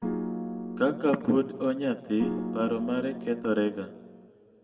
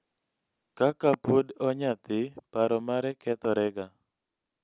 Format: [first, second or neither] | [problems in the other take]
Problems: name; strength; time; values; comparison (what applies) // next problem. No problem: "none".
second | background sound (Piano); 7 dB below the speech // room echo; dies away in 1.7 s